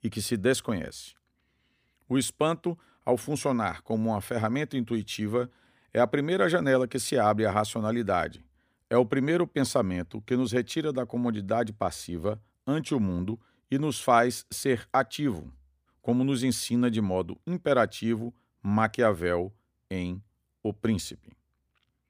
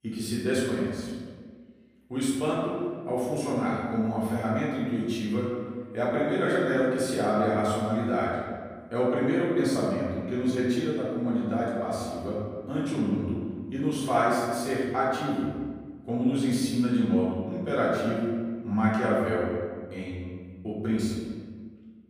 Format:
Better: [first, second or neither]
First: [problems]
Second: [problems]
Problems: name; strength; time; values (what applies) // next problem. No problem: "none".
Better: first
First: none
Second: off-mic speech; far // room echo; strong; dies away in 1.5 s